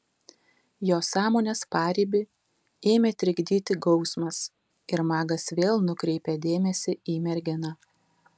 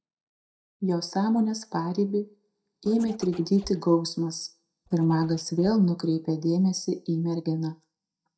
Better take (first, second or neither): first